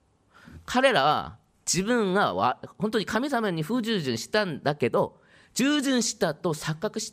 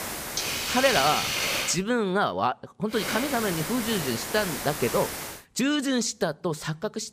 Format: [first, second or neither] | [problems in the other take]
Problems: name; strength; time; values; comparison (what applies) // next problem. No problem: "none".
first | hiss; loud; until 1.5 s and from 3 to 5.5 s; 2 dB below the speech